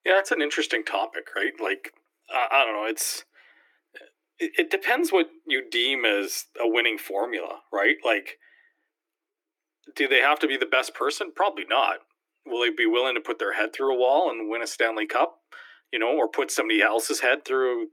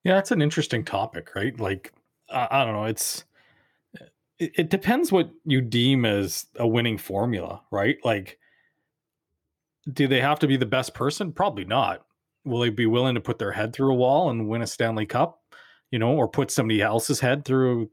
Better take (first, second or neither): second